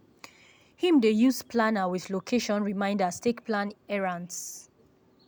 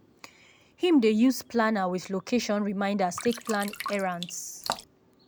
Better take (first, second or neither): first